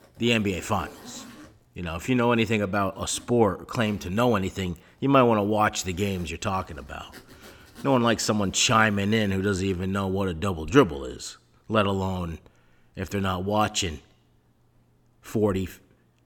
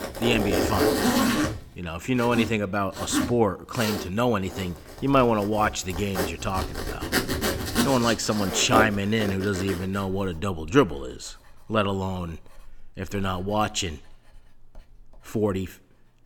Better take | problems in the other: first | household noises; loud; throughout; 2 dB below the speech; faint in the first

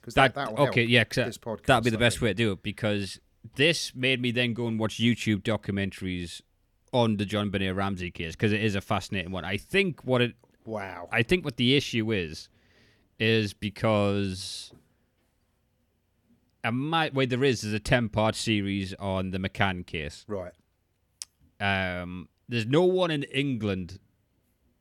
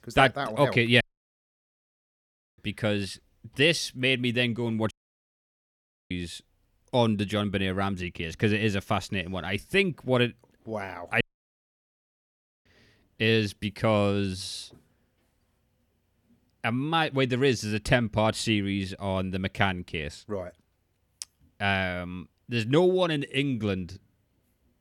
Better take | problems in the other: first | audio cutting out; at 1 s for 1.5 s, at 5 s for 1 s and at 11 s for 1.5 s

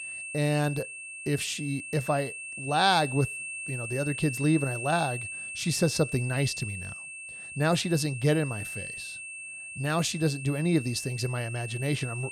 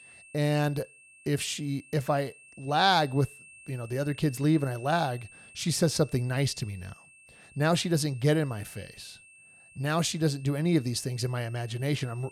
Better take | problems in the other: second | high-pitched whine; loud; throughout; 2.5 kHz, 8 dB below the speech; faint in the second

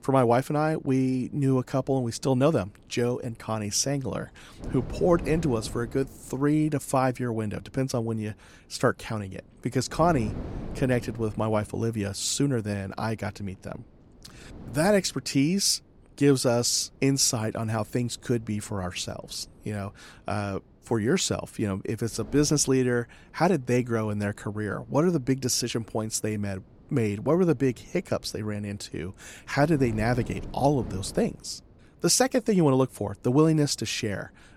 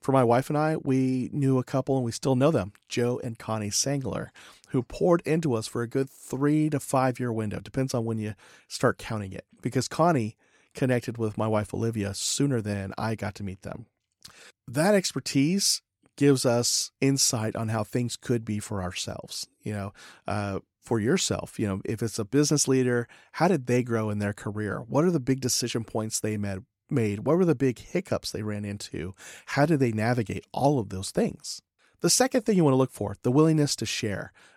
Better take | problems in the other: second | wind noise on the microphone; occasional gusts; 20 dB below the speech

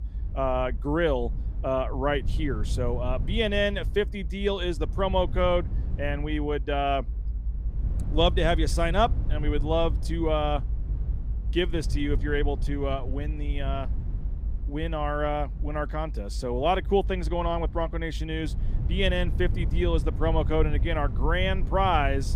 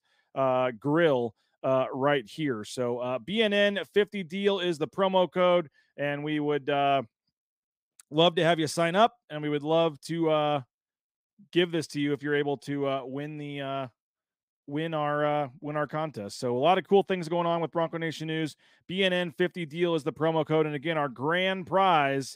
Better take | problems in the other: second | low rumble; noticeable; throughout; 20 dB below the speech

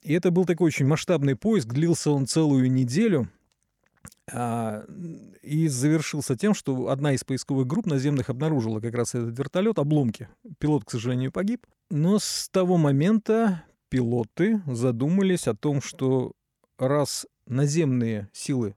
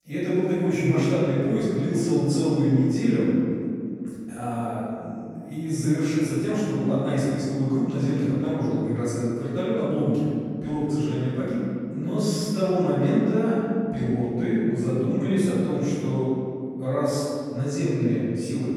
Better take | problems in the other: first | room echo; strong; dies away in 2.4 s // off-mic speech; far

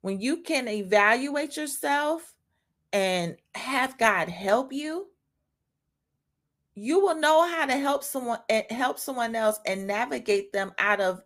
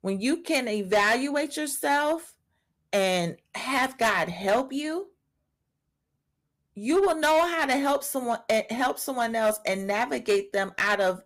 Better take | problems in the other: first | distortion; slight; 4% of the sound clipped

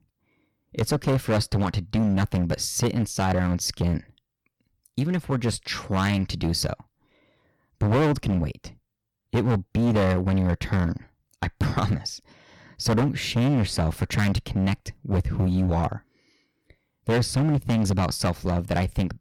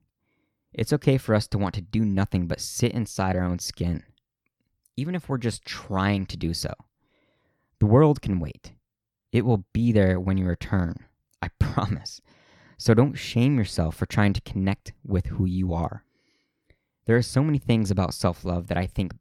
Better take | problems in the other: second | distortion; heavy; 12% of the sound clipped

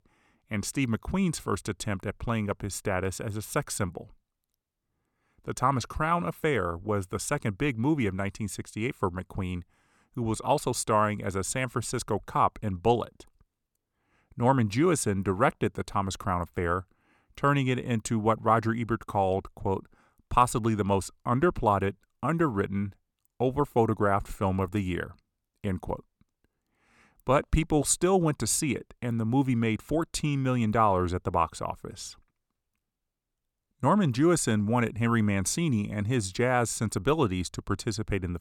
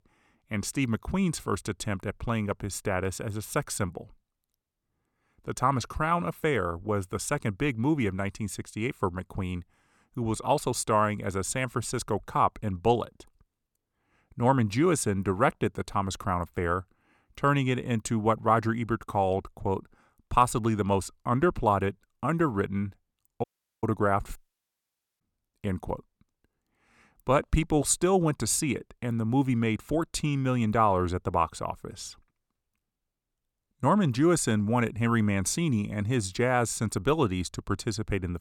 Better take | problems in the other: first | audio cutting out; at 23 s and at 24 s for 1 s

